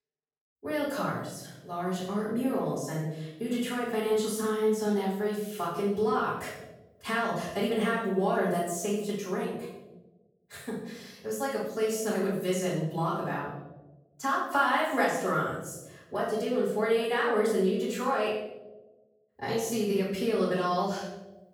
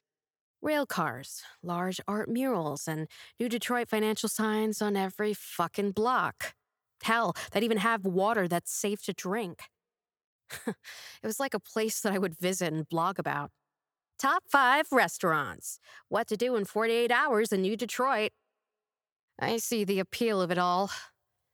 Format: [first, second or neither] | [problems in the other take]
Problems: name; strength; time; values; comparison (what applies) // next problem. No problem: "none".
second | off-mic speech; far // room echo; noticeable; dies away in 0.9 s